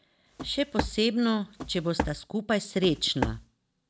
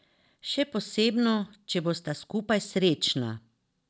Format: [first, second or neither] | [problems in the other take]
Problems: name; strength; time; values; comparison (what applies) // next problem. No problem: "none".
second | background sound (Walk, footsteps); 6 dB below the speech